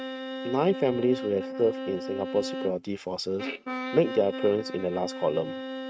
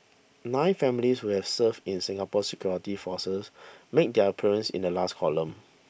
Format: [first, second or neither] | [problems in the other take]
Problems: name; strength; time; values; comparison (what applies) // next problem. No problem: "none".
second | noise reduction (neural mask model RNNoise)